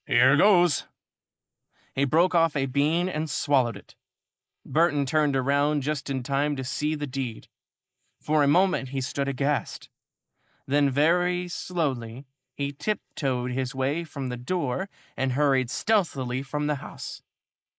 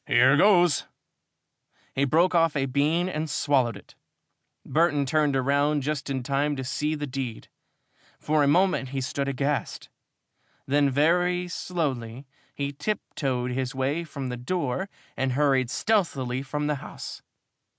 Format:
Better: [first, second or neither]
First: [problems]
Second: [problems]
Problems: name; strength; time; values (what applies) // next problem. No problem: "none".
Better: second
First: noise reduction (neural mask model Resemble Enhance denoiser)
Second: none